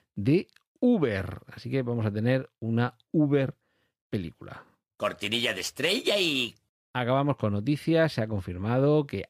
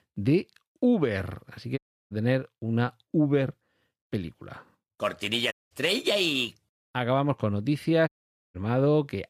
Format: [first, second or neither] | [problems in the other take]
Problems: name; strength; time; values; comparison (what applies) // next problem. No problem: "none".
first | audio cutting out; at 2 s, at 5.5 s and at 8 s